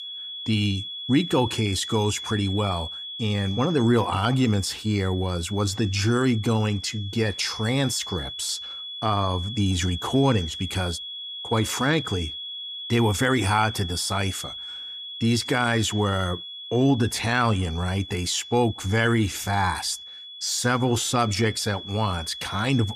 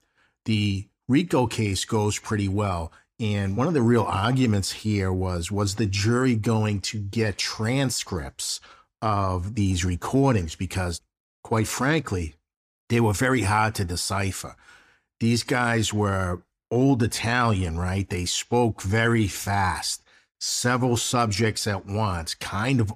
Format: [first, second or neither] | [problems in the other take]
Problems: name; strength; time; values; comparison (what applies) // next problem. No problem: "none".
second | high-pitched whine; loud; throughout; 3.5 kHz, 10 dB below the speech